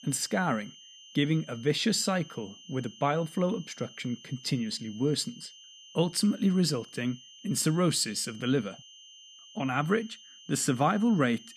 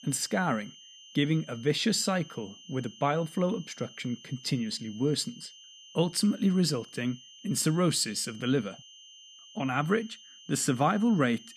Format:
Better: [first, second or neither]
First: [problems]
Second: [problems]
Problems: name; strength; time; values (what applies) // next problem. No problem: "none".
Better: neither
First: high-pitched whine; noticeable; throughout; 3 kHz, 20 dB below the speech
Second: high-pitched whine; noticeable; throughout; 3 kHz, 20 dB below the speech